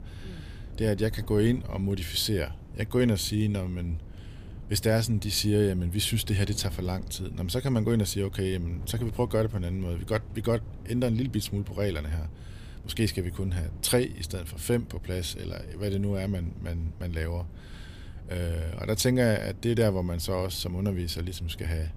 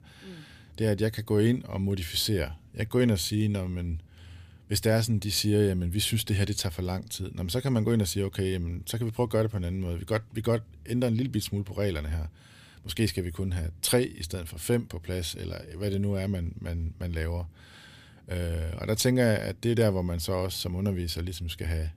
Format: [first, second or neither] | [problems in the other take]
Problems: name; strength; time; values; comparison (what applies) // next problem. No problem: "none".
second | wind noise on the microphone; occasional gusts; 20 dB below the speech